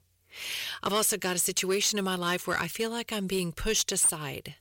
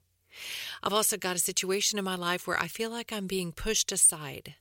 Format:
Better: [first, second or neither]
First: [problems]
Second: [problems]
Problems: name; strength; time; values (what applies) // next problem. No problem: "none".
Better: second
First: distortion; slight; 10 dB below the speech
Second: none